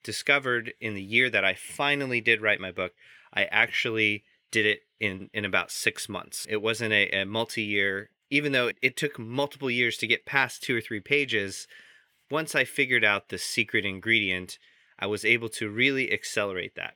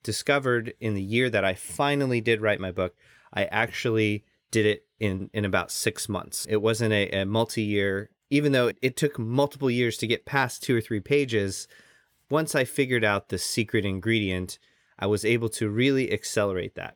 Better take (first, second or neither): second